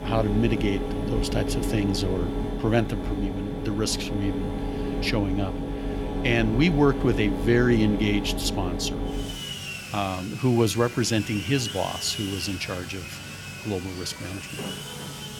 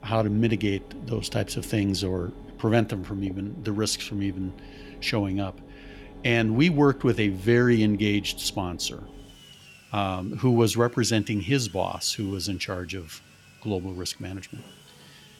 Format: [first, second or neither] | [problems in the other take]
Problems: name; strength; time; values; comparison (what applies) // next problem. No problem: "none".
second | machinery noise; loud; throughout; 5 dB below the speech; faint in the second